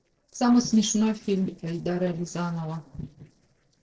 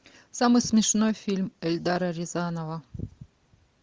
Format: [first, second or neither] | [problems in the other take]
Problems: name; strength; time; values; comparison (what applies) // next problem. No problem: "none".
second | noise reduction (neural separator model SepFormer DNS4)